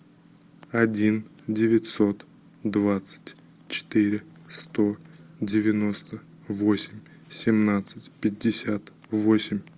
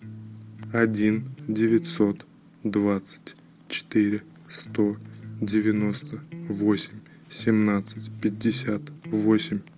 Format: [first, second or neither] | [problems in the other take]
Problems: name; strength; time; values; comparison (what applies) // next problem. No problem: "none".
first | background sound (Electric guitar); 12 dB below the speech